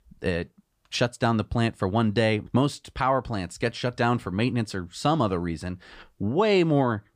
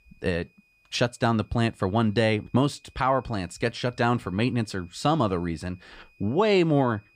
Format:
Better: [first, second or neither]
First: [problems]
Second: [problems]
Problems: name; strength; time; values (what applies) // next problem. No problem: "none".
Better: first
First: none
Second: high-pitched whine; faint; throughout; 2.5 kHz, 35 dB below the speech